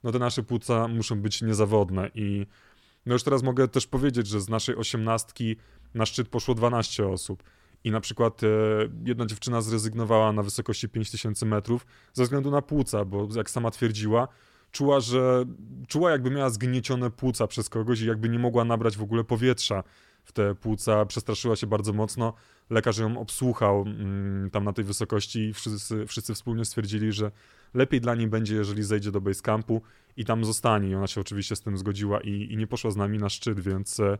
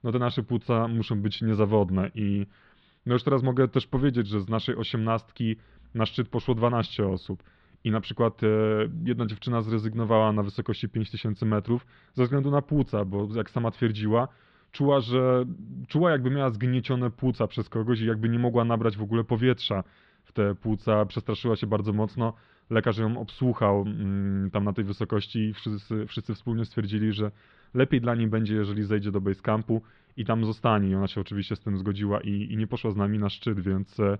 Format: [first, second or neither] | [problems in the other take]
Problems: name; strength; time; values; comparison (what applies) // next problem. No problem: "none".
first | muffled; slightly; fading above 4 kHz